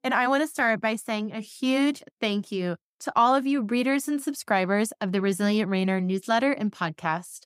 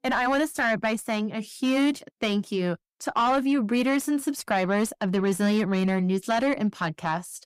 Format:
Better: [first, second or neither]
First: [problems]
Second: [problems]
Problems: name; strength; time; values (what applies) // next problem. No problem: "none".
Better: first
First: none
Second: distortion; slight; 10 dB below the speech